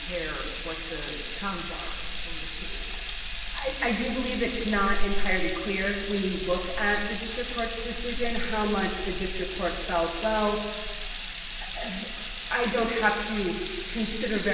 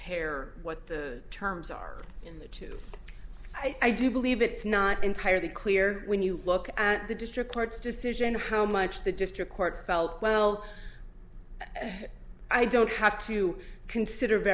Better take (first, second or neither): second